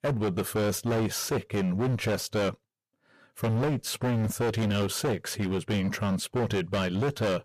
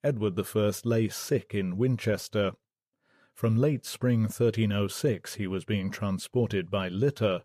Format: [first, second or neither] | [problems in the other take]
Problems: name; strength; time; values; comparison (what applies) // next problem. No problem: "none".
second | distortion; heavy; 24% of the sound clipped